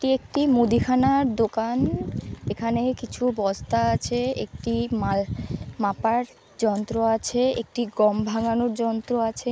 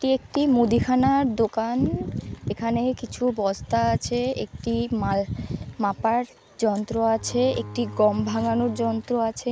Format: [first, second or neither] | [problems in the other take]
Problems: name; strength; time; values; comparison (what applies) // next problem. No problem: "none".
first | background sound (Bowed string instrument); 14 dB below the speech